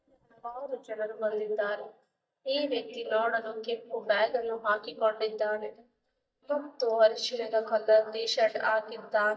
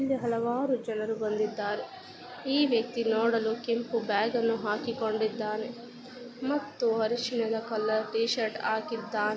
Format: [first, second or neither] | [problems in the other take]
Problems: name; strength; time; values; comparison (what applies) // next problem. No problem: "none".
second | noise reduction (neural mask model DeepFilterNet 3)